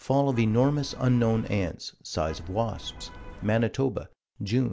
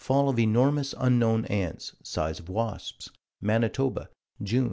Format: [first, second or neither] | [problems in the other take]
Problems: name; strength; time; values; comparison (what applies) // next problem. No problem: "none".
second | background sound (Vehicle horn, car horn, honking); 16 dB below the speech